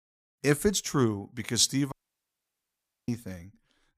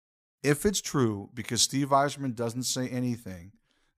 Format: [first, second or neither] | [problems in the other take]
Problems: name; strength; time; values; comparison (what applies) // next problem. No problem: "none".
second | audio cutting out; at 2 s for 1 s